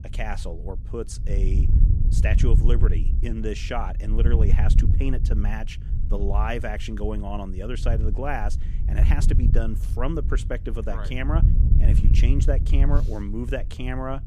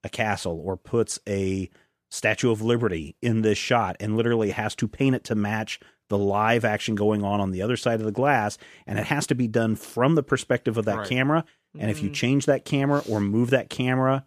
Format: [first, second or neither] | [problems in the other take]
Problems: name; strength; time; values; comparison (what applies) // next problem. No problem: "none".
second | wind noise on the microphone; heavy; 8 dB below the speech